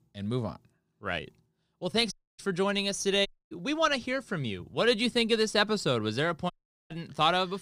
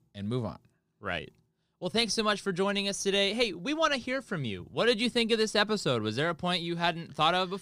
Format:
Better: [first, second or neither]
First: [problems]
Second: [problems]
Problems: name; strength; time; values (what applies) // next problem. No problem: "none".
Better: second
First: audio cutting out; at 2 s, at 3.5 s and at 6.5 s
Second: none